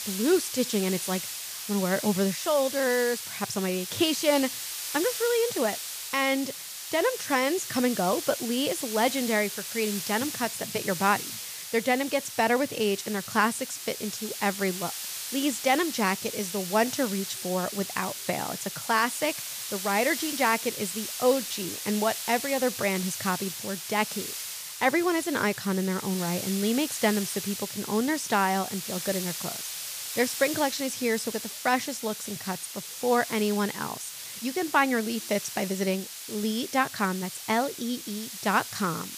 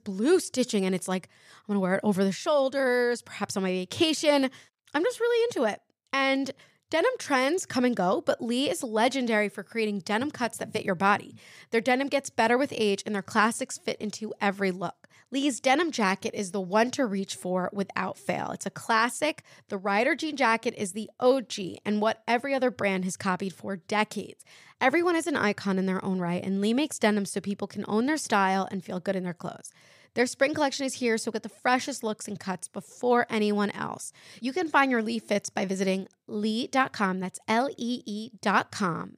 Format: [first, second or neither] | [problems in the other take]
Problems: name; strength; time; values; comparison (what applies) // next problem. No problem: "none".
second | hiss; loud; throughout; 6 dB below the speech